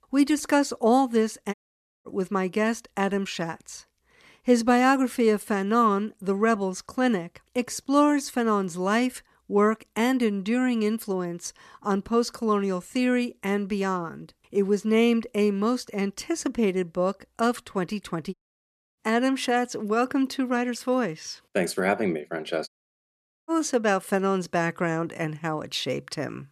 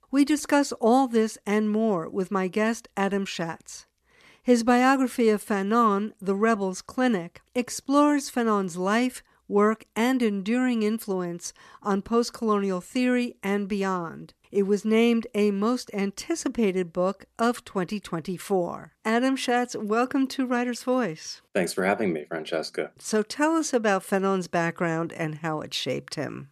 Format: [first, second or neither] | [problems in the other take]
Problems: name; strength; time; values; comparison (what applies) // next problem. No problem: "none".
second | audio cutting out; at 1.5 s for 0.5 s, at 18 s for 0.5 s and at 23 s for 1 s